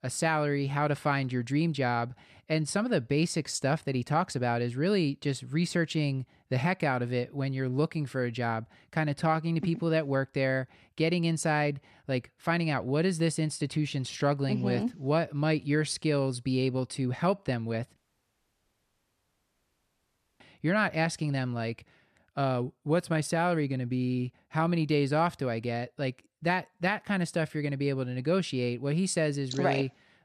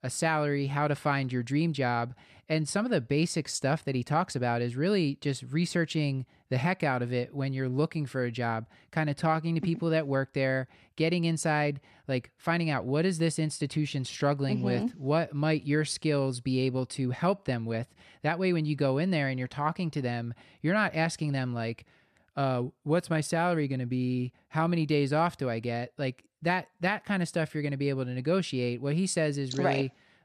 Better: second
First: audio cutting out; at 18 s for 2.5 s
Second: none

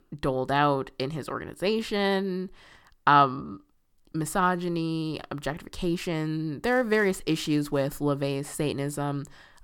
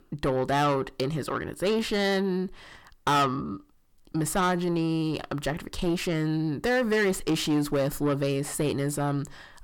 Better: first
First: none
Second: distortion; heavy; 8 dB below the speech

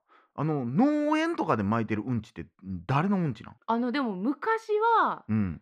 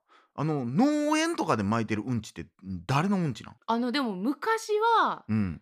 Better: second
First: muffled; slightly; fading above 4 kHz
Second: none

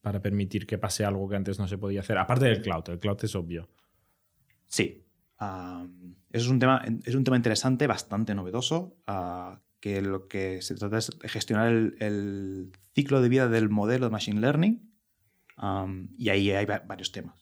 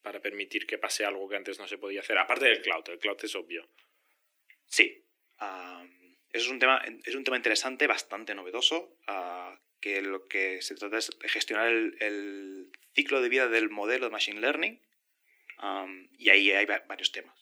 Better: first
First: none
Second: thin; very; fading below 300 Hz

